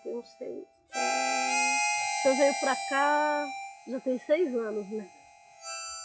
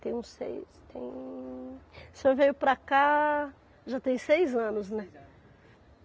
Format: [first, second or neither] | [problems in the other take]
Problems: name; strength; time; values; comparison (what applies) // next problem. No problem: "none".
second | noise reduction (classical method log-MMSE)